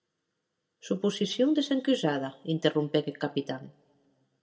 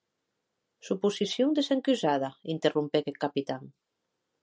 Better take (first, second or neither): second